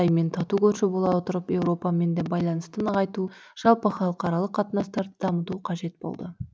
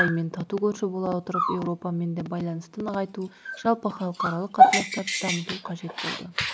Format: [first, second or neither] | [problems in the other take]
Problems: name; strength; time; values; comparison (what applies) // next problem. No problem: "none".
first | background sound (Dog); 1 dB above the speech